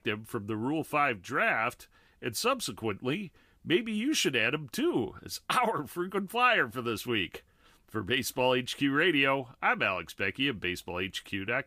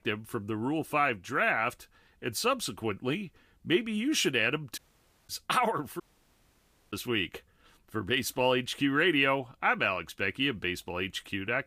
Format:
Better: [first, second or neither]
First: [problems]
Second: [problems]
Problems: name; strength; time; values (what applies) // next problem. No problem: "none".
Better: first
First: none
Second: audio cutting out; at 5 s for 0.5 s and at 6 s for 1 s